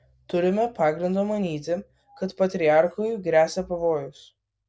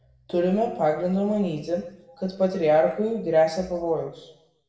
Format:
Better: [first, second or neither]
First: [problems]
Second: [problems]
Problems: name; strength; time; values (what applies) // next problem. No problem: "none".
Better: first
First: none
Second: room echo; dies away in 0.8 s